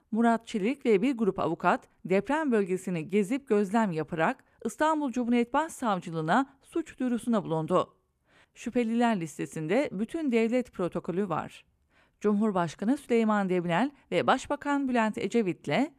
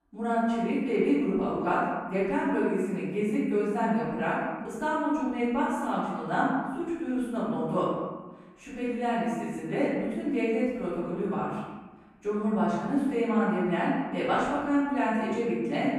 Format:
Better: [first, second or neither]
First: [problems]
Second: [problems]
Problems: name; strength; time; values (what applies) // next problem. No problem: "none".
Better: first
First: none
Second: off-mic speech; far // room echo; strong; dies away in 1.1 s